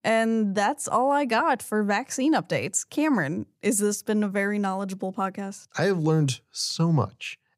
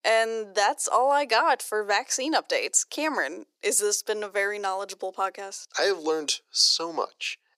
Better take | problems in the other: first | thin; very; fading below 350 Hz

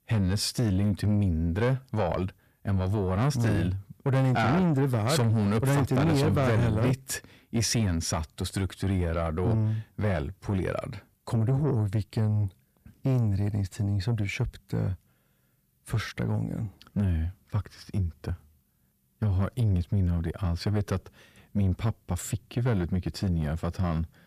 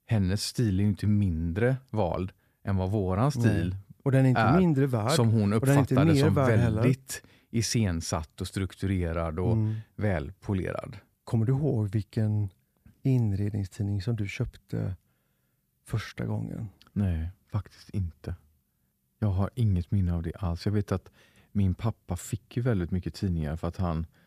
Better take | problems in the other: second | distortion; slight; 10 dB below the speech

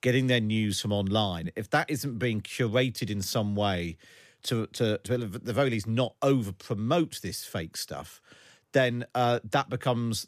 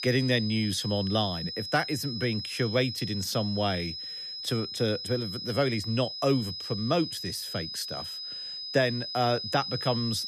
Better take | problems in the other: first | high-pitched whine; loud; throughout; 5 kHz, 5 dB below the speech

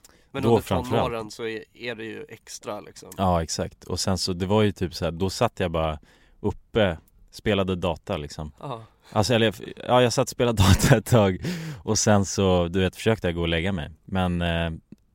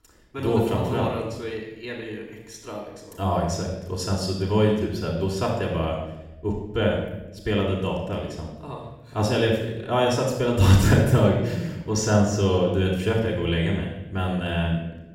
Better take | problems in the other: first | off-mic speech; far // room echo; noticeable; dies away in 0.9 s

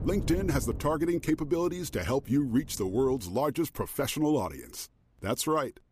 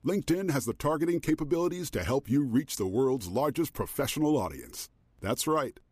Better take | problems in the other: second | wind noise on the microphone; occasional gusts; until 3 s; 20 dB below the speech

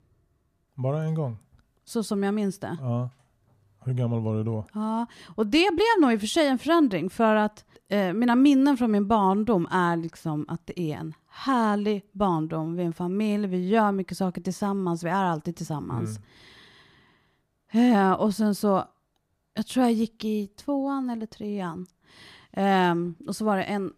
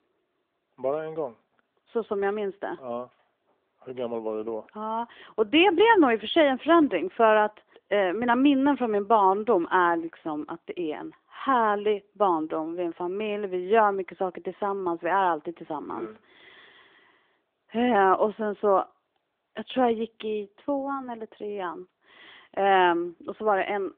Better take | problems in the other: first | phone-call audio; nothing above 3.5 kHz

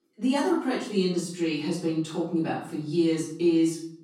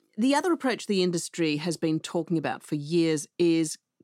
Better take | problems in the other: second | off-mic speech; far // room echo; noticeable; dies away in 0.5 s

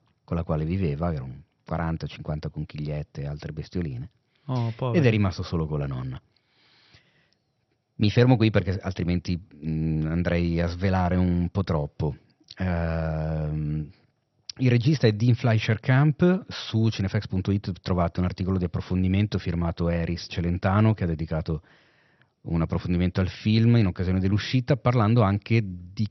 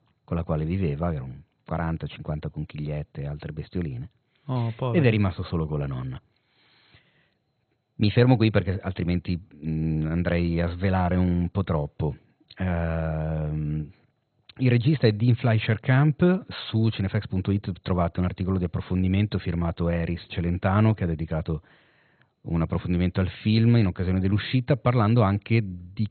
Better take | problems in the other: first | garbled, watery; badly; nothing above 4 kHz; slightly in the first

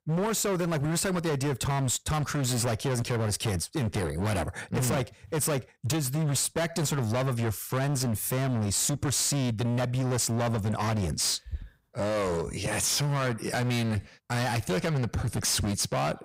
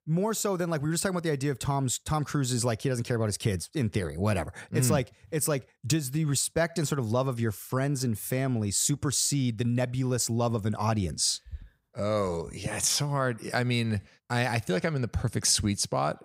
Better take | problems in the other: second | distortion; heavy; 32% of the sound clipped

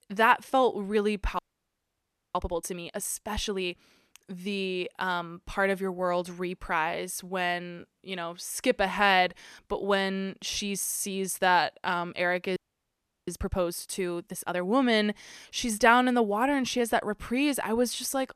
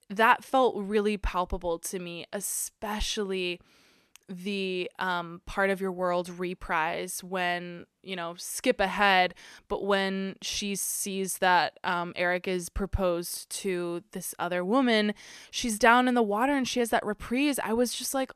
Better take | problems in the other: second | audio freezing; at 1.5 s for 1 s and at 13 s for 0.5 s

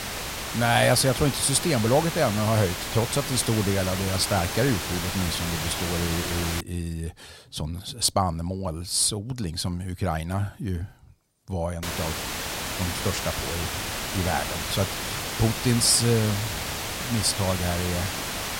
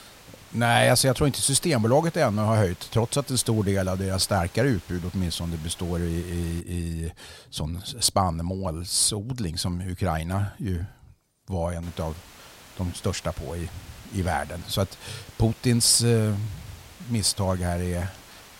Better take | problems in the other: second | hiss; loud; until 6.5 s and from 12 s on; 4 dB below the speech; faint in the second

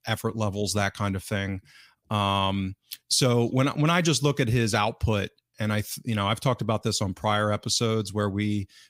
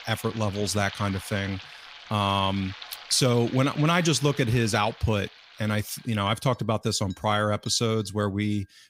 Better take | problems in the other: first | household noises; noticeable; throughout; 15 dB below the speech

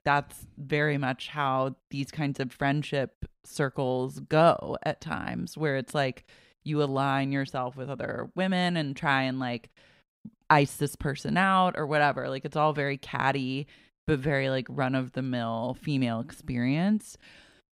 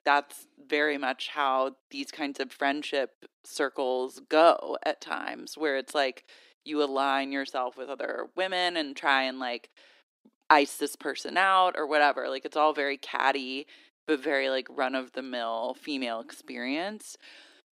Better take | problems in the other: first | thin; somewhat; fading below 300 Hz

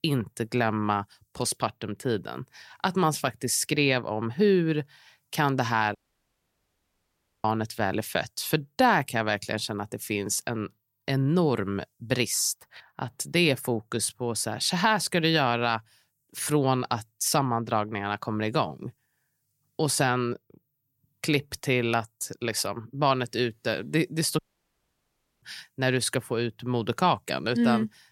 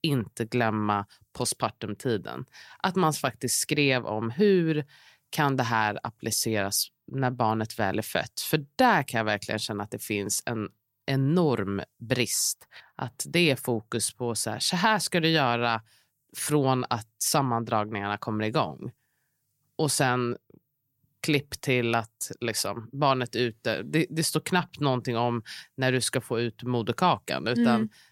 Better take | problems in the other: second | audio cutting out; at 6 s for 1.5 s and at 24 s for 1 s

